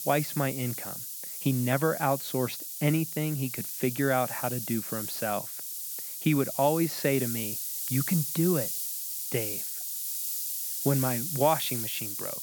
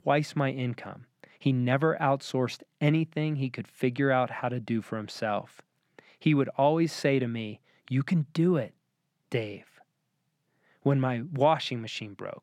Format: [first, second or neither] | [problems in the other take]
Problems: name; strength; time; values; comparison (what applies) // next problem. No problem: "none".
second | hiss; loud; throughout; 3 dB below the speech